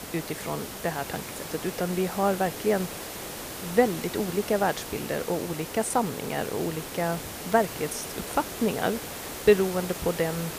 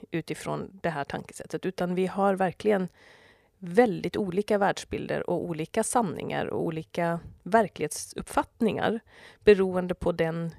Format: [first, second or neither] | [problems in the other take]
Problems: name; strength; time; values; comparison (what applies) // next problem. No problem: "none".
second | hiss; loud; throughout; 8 dB below the speech